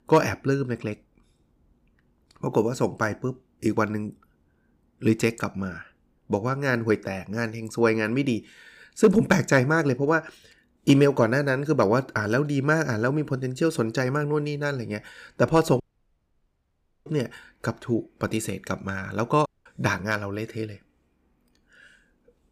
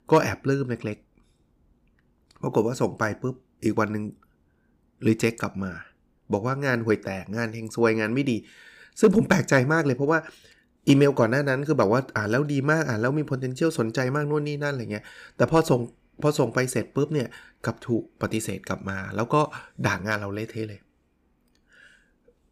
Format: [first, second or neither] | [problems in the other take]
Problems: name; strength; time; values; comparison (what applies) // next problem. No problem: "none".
second | audio cutting out; at 16 s for 1.5 s and at 19 s